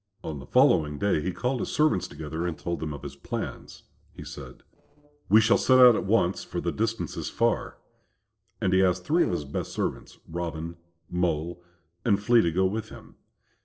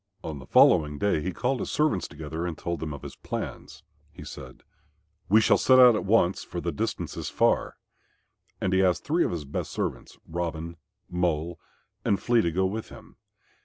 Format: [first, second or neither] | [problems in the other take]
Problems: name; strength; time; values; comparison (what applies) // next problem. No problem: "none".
second | noise reduction (neural separator model SepFormer DNS4)